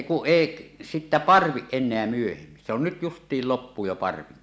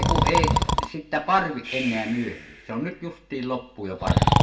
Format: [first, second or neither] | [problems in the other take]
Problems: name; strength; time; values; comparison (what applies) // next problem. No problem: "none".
first | background sound (Breathing); 3 dB above the speech // room echo; dies away in 0.1 s